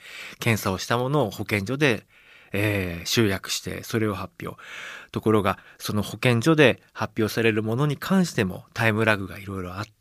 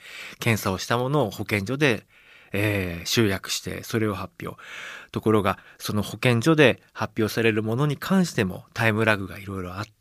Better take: neither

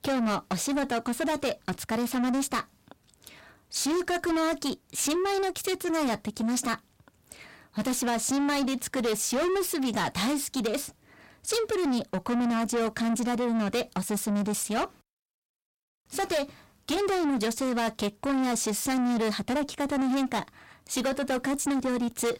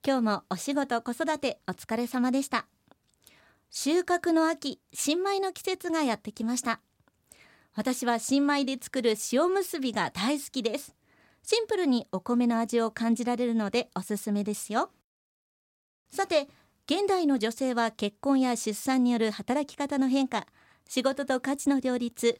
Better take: second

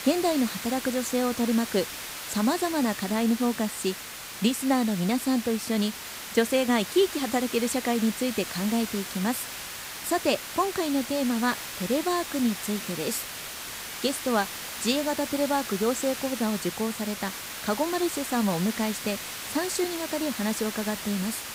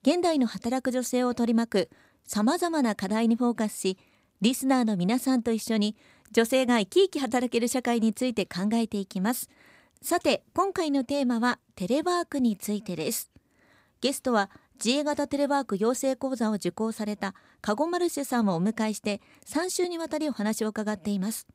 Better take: second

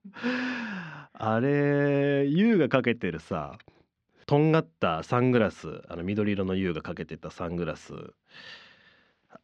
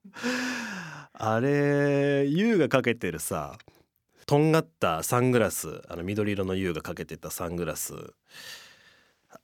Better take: second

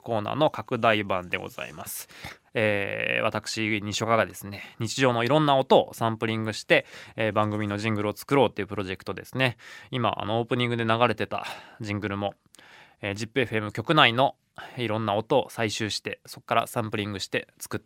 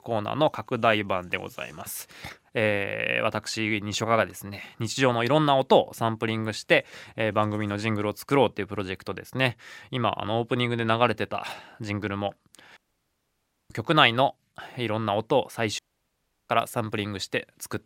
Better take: first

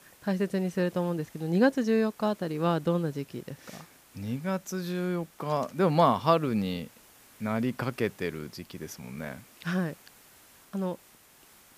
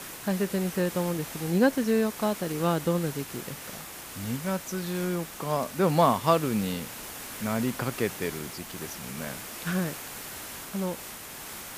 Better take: first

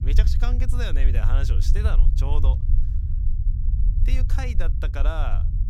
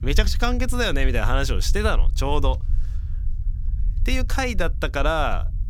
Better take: second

